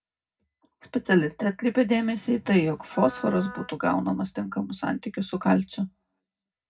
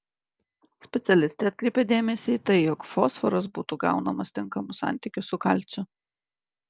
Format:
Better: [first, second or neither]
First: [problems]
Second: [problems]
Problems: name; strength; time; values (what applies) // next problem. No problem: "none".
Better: second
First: background sound (Wind instrument, woodwind instrument); 18 dB below the speech // room echo; dies away in 0.4 s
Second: none